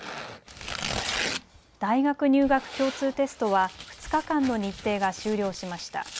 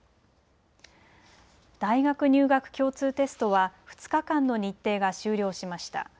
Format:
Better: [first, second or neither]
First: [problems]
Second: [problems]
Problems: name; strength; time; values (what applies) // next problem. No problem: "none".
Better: second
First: background sound (Tearing); 10 dB below the speech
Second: none